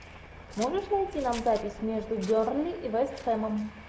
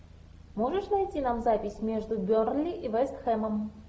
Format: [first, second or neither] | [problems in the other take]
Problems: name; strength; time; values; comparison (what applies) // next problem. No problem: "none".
second | background sound (Scissors + Train); 18 dB below the speech